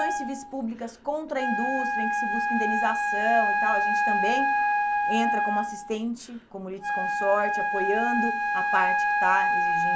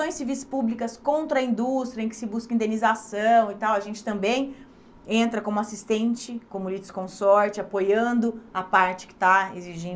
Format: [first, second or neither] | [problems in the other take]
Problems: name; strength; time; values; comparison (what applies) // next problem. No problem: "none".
second | background sound (Wind instrument, woodwind instrument); 4 dB above the speech